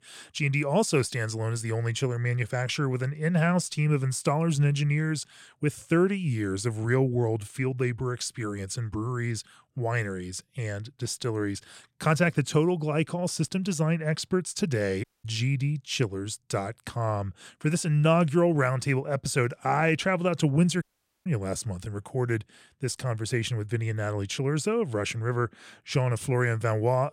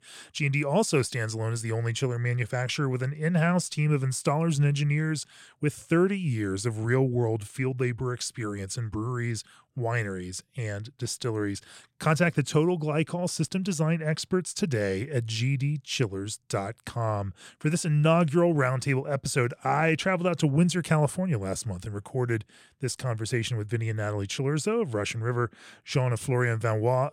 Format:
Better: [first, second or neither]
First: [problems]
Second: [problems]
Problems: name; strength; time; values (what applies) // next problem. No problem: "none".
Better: second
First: audio cutting out; at 15 s and at 21 s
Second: none